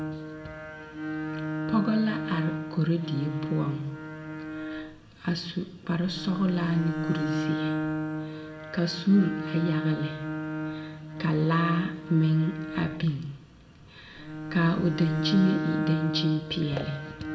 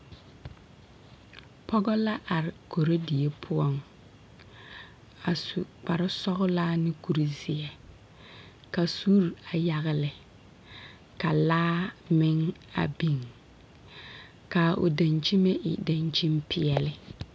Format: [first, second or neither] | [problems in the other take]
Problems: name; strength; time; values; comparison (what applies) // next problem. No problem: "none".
second | background sound (Bowed string instrument); 5 dB below the speech // room echo; dies away in 0.9 s